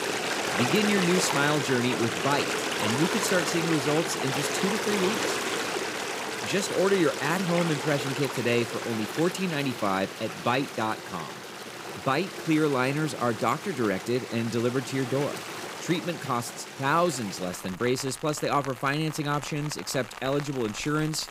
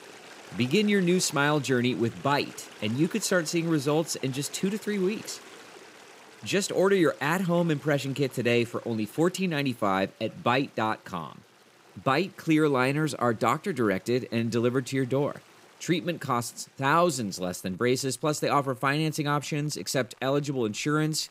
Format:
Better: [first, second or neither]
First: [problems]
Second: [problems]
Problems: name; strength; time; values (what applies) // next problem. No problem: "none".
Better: second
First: rain or running water; loud; throughout; 4 dB below the speech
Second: rain or running water; faint; throughout; 25 dB below the speech